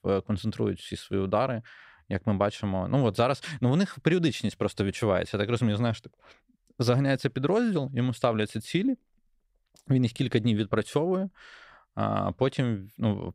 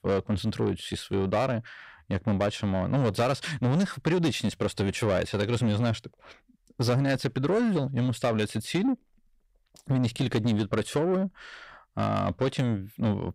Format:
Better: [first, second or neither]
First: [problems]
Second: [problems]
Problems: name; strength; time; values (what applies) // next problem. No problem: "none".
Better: first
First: none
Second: distortion; slight; 10 dB below the speech